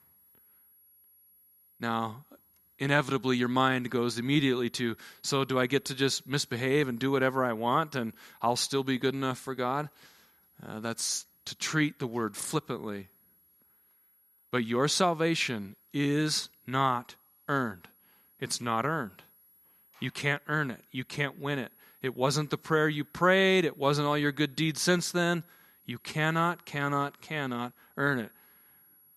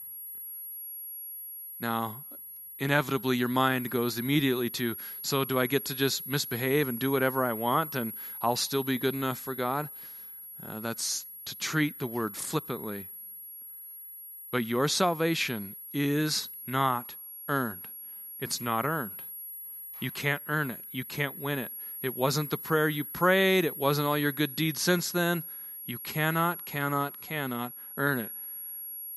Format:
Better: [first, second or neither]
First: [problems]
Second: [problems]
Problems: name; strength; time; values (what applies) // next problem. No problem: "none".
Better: first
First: high-pitched whine; faint; throughout; 11.5 kHz, 30 dB below the speech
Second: high-pitched whine; loud; throughout; 11.5 kHz, 9 dB below the speech